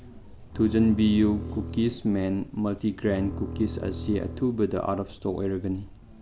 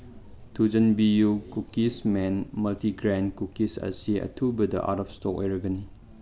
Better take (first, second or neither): second